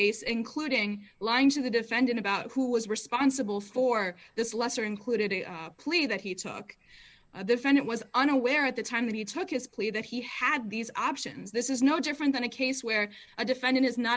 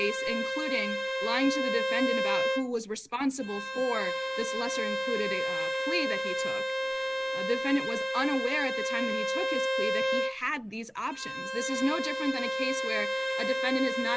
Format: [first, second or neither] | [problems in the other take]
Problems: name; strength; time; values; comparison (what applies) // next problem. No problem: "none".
first | background sound (Bowed string instrument); 1 dB above the speech